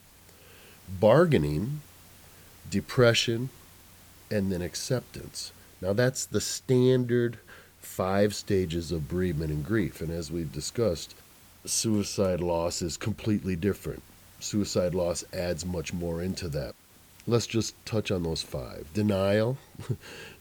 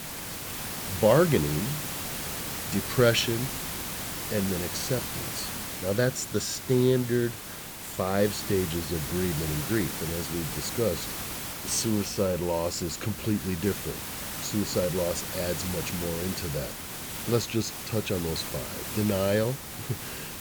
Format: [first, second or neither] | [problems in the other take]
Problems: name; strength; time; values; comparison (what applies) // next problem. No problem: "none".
first | hiss; loud; throughout; 5 dB below the speech; faint in the first